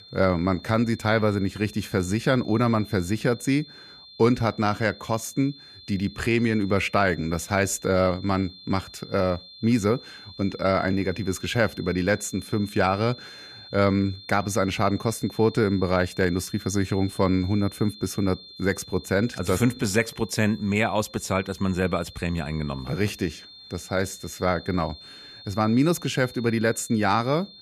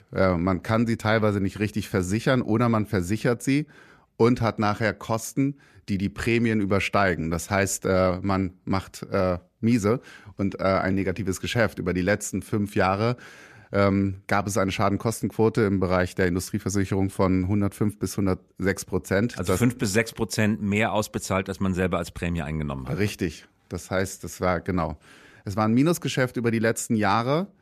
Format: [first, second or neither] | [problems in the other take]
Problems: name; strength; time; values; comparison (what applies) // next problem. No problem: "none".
second | high-pitched whine; noticeable; throughout; 4 kHz, 20 dB below the speech